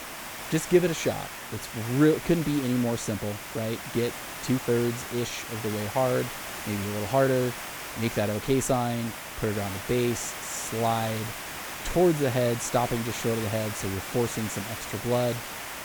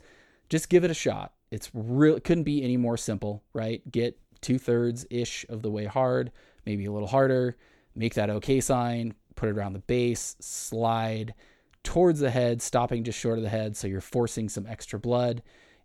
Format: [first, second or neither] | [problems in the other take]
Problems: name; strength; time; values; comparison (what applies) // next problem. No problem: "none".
second | hiss; loud; throughout; 7 dB below the speech